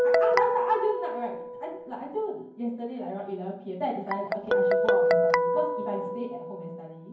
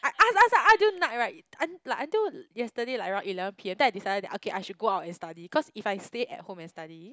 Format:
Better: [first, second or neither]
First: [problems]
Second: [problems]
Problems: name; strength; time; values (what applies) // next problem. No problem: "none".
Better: second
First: background sound (Guitar); 5 dB above the speech // room echo; dies away in 0.9 s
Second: none